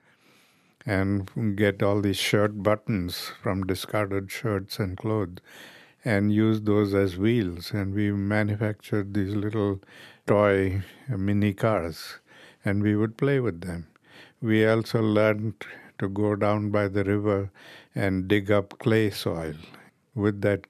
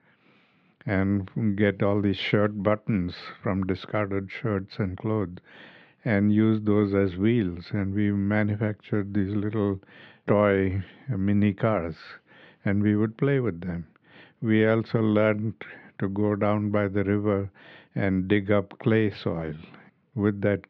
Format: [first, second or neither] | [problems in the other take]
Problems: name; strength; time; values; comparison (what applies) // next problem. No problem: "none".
first | muffled; slightly; fading above 3.5 kHz